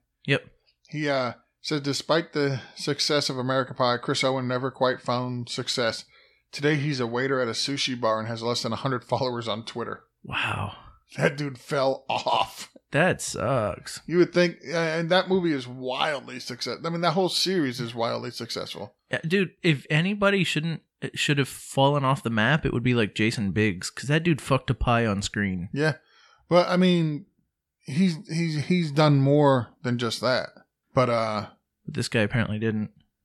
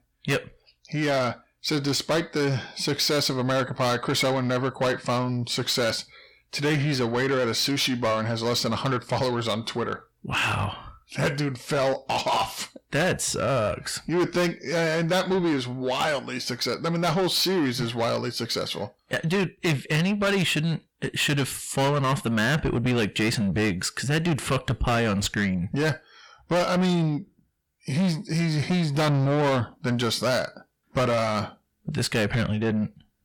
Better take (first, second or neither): first